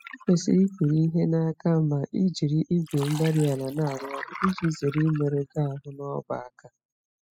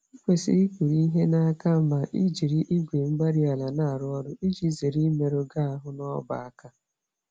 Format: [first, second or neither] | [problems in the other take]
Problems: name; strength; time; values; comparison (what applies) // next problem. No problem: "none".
second | noise reduction (classical method spectral subtraction)